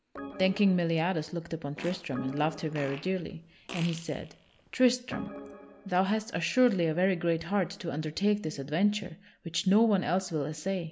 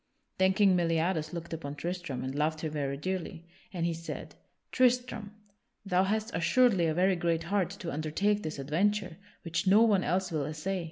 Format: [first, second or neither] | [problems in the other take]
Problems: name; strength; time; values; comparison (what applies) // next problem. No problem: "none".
second | background sound (Fart + Organ); 15 dB below the speech